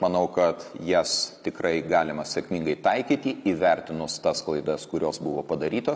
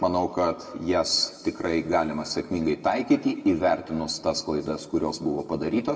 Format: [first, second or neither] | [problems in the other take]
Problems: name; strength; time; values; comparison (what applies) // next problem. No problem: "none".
first | room echo; dies away in 2.2 s